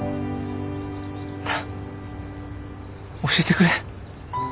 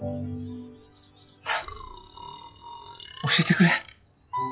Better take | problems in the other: first | noise reduction (classical method log-MMSE)

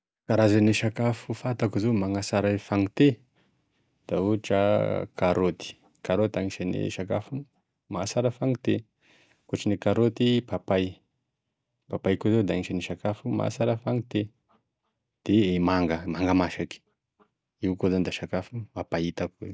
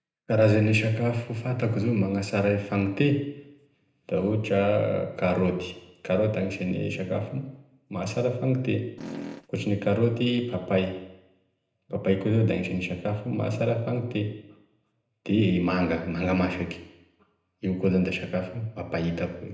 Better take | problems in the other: first | background sound (Fart); 10 dB below the speech // room echo; dies away in 0.7 s

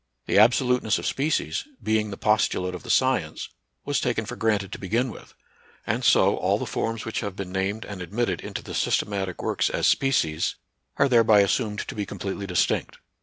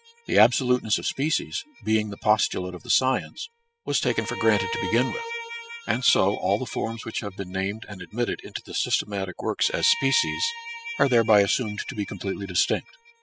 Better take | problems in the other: first | noise reduction (classical method spectral subtraction)

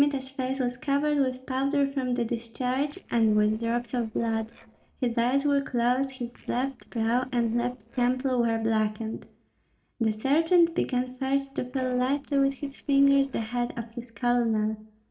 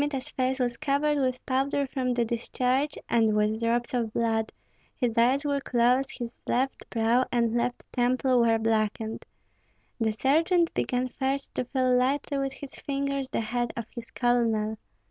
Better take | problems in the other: second | noise reduction (neural separator model SepFormer DNS4)

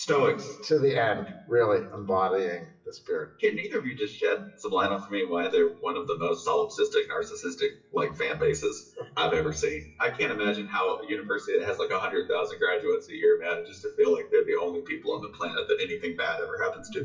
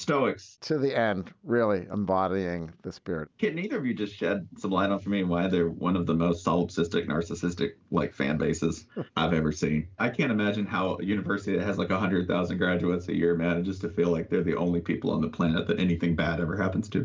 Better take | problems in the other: second | noise reduction (classical method WPE with log-MMSE)

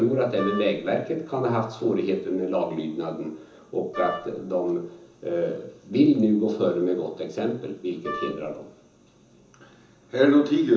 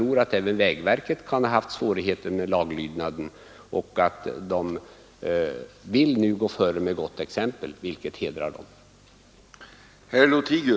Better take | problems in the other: second | background sound (Wind instrument, woodwind instrument); 11 dB below the speech // room echo; dies away in 0.7 s

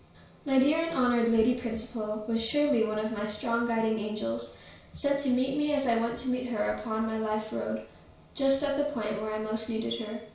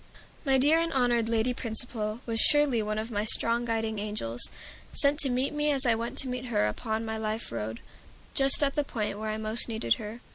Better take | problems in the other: second | room echo; dies away in 0.6 s

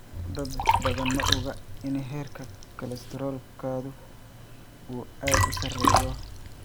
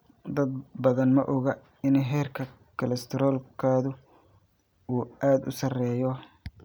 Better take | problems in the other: second | background sound (Liquid); 5 dB above the speech

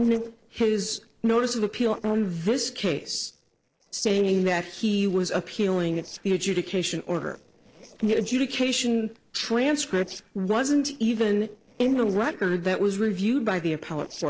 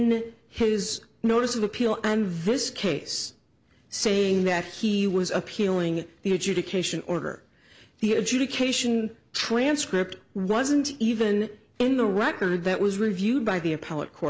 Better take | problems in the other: second | noise reduction (neural separator model SepFormer DNS4)

